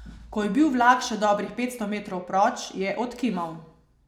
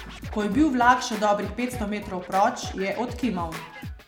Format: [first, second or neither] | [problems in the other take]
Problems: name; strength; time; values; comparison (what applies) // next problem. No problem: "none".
first | background sound (Scratching (performance technique)); 13 dB below the speech